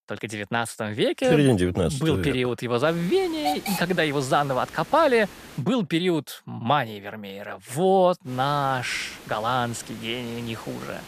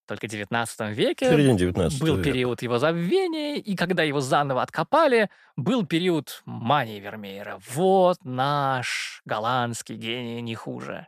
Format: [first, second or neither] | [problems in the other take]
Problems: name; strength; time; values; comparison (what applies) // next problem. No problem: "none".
second | hiss; noticeable; from 3 to 5.5 s and from 8.5 s on; 15 dB below the speech